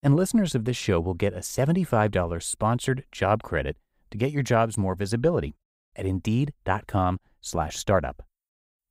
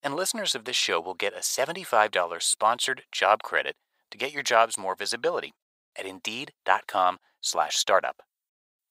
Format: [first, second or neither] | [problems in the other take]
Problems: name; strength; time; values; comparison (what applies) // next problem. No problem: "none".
first | thin; very; fading below 800 Hz